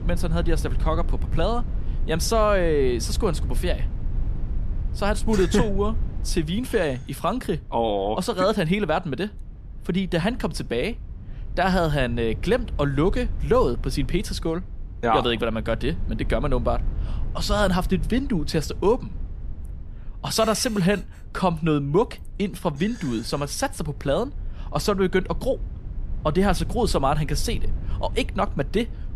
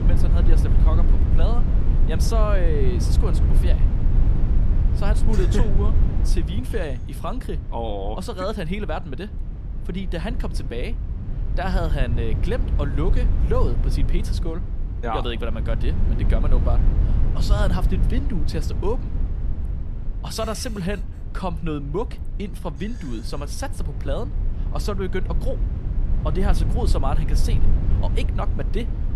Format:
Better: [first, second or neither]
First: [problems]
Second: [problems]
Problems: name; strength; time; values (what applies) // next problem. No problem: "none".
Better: first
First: low rumble; faint; throughout; 25 dB below the speech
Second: low rumble; loud; throughout; 8 dB below the speech